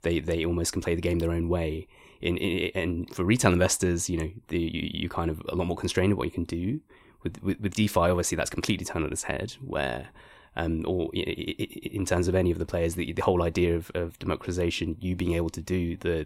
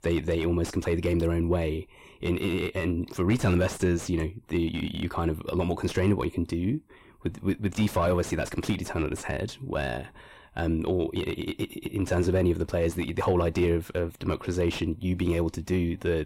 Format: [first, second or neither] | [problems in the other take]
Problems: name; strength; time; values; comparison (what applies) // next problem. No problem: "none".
first | distortion; slight; 10 dB below the speech